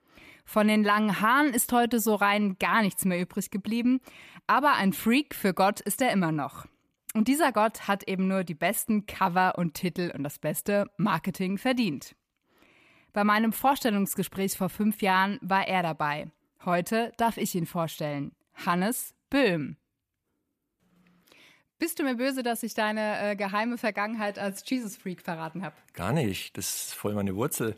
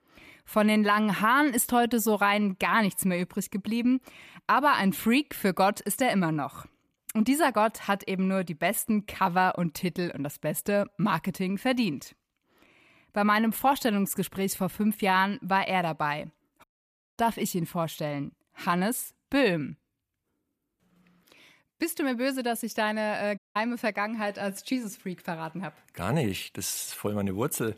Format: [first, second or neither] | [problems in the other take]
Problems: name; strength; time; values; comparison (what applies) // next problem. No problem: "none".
first | audio cutting out; at 17 s for 0.5 s and at 23 s